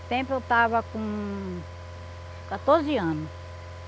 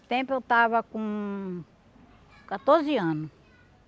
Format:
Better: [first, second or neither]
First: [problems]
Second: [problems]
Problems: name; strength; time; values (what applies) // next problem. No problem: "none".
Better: second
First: background sound (Car); 12 dB below the speech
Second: none